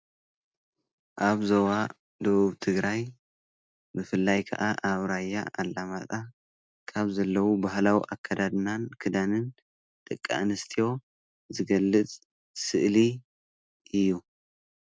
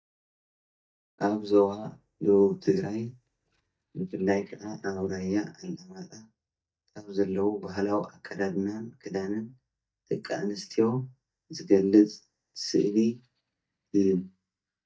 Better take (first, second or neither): first